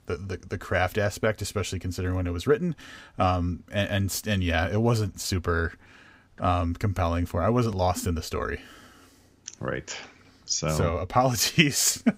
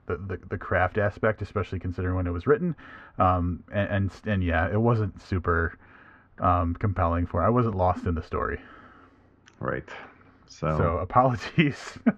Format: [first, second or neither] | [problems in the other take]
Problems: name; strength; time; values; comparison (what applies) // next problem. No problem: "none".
first | muffled; very; fading above 1.5 kHz